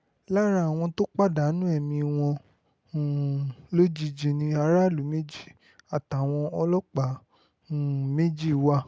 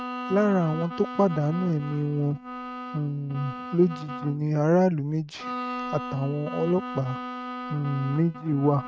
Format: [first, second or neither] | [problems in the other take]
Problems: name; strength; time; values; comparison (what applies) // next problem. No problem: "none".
first | noise reduction (neural mask model RNNoise)